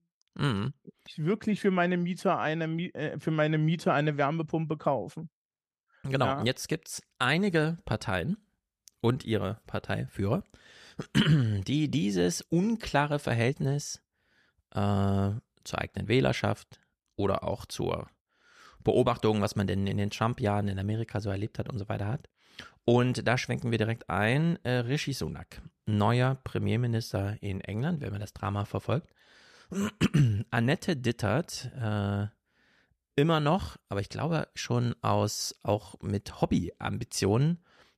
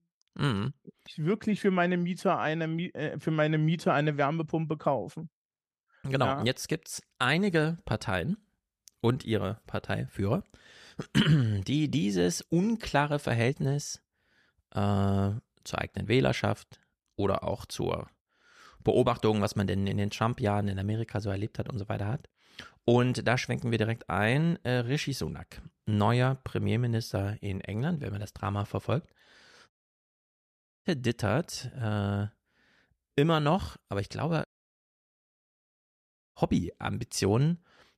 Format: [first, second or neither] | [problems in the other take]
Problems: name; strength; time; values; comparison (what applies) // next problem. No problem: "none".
first | audio cutting out; at 30 s for 1 s and at 34 s for 2 s